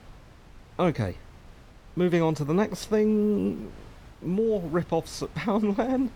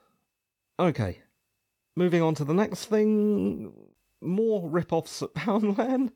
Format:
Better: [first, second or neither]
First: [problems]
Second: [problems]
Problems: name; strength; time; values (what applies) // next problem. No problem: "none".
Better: second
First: wind noise on the microphone; occasional gusts; 25 dB below the speech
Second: none